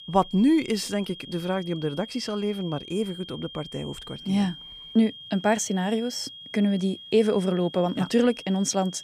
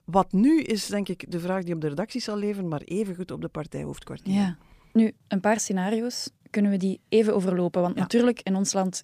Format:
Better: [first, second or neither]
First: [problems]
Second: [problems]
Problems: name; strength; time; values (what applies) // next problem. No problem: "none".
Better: second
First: high-pitched whine; noticeable; throughout; 3.5 kHz, 15 dB below the speech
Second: none